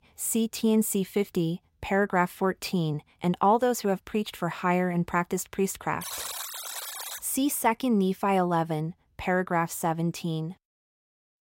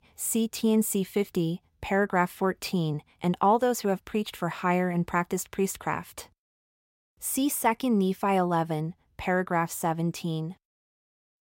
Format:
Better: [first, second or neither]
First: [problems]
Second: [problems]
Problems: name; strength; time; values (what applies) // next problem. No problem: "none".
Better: second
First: alarm; noticeable; from 6 to 7 s; peak 5 dB below the speech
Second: none